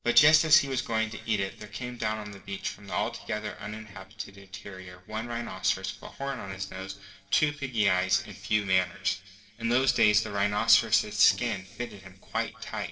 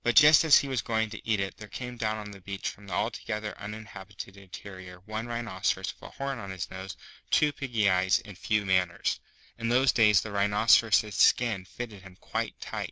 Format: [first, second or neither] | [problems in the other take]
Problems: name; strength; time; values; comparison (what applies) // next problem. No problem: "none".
second | noise reduction (neural separator model SepFormer DNS4)